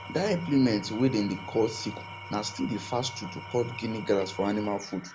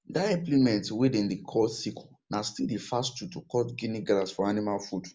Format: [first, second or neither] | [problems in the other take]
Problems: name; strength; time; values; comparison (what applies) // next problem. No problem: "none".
second | background sound (Engine / Tools); 13 dB below the speech